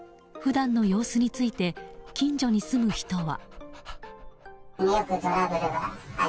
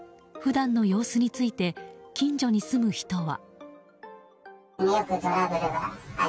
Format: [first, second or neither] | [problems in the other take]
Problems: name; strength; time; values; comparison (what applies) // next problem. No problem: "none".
second | background sound (Dog); 18 dB below the speech